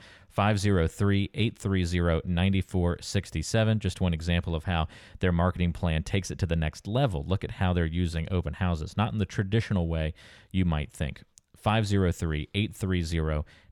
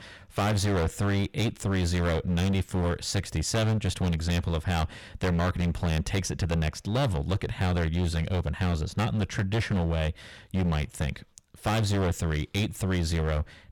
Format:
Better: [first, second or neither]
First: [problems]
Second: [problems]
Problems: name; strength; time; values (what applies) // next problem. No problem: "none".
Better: first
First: none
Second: distortion; heavy; 21% of the sound clipped